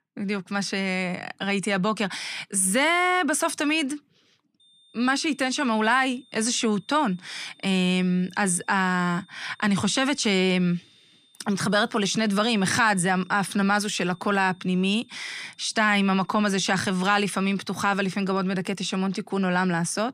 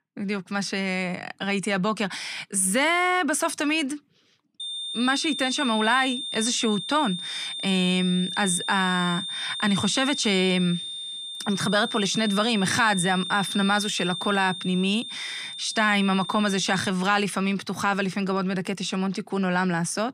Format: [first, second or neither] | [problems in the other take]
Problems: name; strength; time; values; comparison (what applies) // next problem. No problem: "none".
first | high-pitched whine; loud; from 4.5 to 17 s; 3.5 kHz, 6 dB below the speech; faint in the first